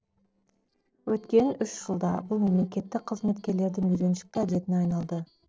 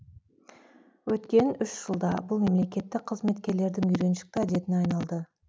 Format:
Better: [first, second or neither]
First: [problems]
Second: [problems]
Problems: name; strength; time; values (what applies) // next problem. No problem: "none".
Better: second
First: noise reduction (neural separator model SepFormer DNS4)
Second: none